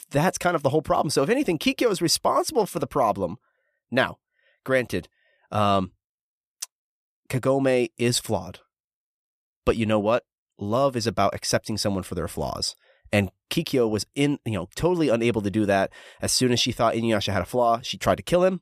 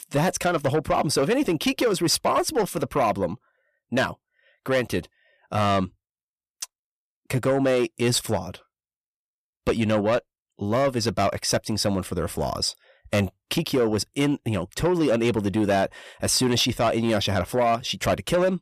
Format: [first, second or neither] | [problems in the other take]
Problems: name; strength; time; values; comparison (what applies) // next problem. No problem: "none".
first | distortion; slight; 10 dB below the speech